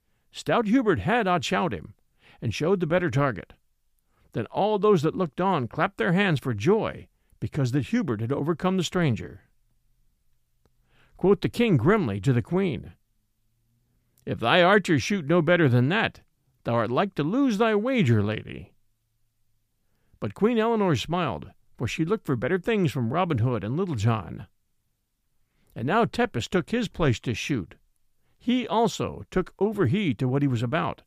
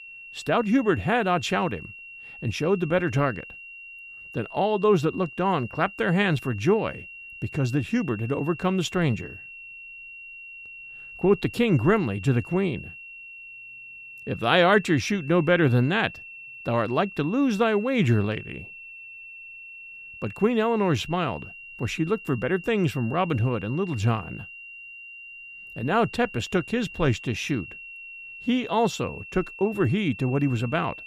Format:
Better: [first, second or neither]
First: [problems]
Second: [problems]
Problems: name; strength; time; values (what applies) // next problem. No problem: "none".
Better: first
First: none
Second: high-pitched whine; noticeable; throughout; 2.5 kHz, 15 dB below the speech